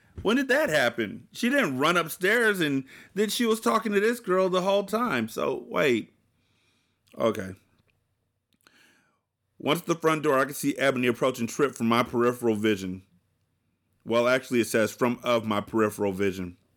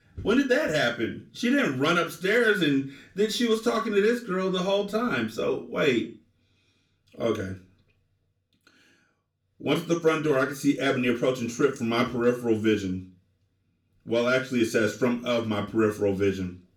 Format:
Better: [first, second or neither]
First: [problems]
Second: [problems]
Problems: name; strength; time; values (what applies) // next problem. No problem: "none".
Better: first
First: none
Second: room echo; slight; dies away in 0.3 s // off-mic speech; far